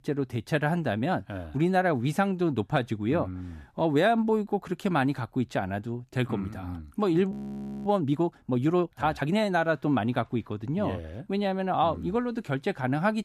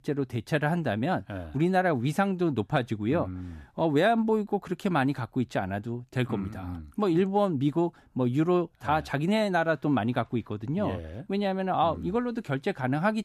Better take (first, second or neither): second